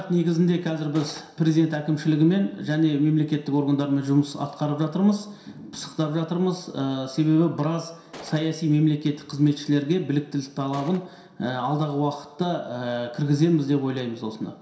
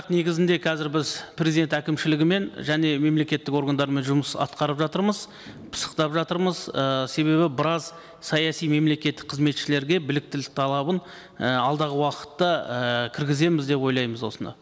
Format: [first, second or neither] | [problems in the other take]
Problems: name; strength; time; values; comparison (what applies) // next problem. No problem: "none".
second | background sound (Gunshot, gunfire); 17 dB below the speech // room echo; dies away in 0.7 s